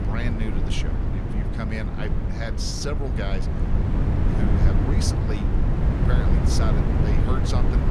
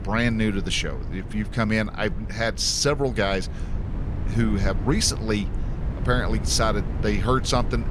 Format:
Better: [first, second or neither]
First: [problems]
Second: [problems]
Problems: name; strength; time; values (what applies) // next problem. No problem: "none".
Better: second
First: wind noise on the microphone; heavy; 1 dB above the speech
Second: wind noise on the microphone; occasional gusts; 15 dB below the speech